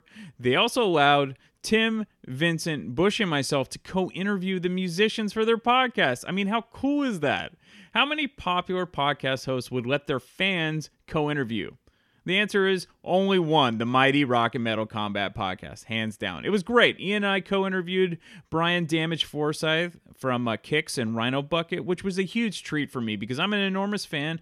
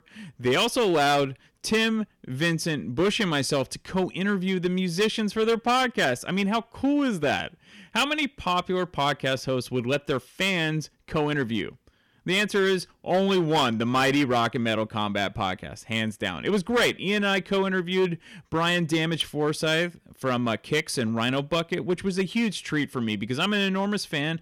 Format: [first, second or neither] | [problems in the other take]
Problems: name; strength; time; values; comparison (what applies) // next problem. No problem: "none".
first | distortion; slight; 6% of the sound clipped